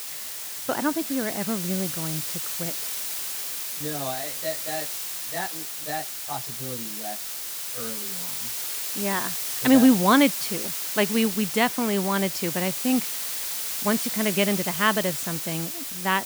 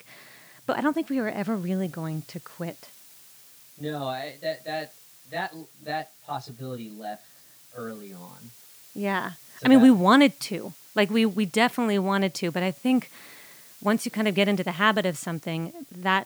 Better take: second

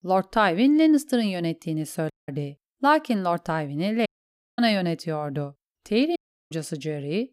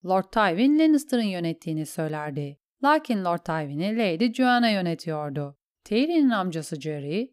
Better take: second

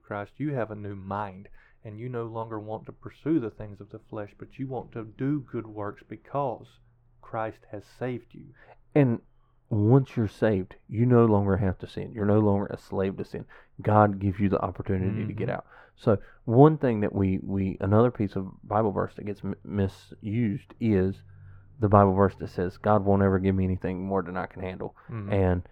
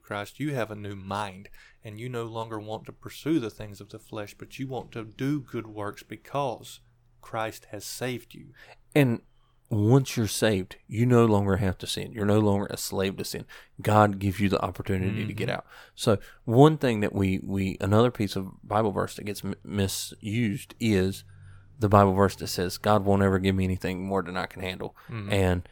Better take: second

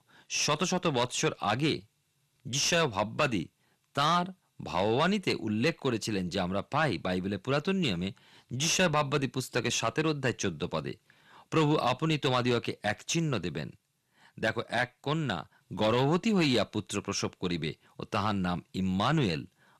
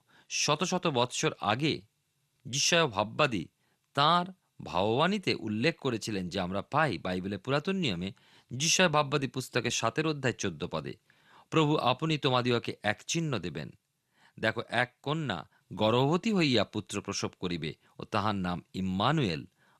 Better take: second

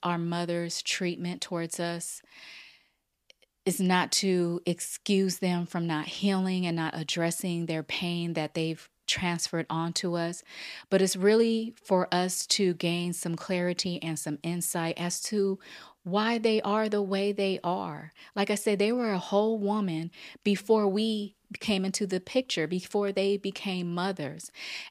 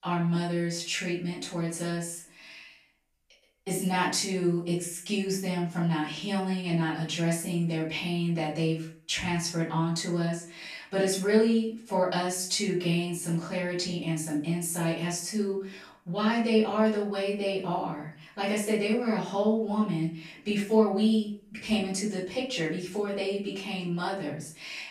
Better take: first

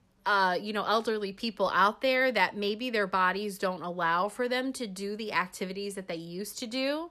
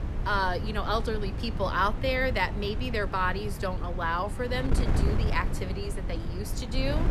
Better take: first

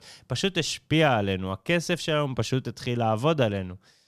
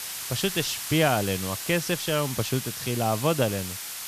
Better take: first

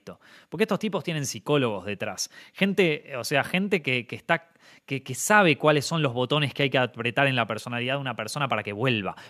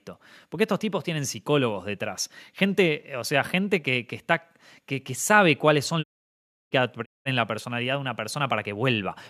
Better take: first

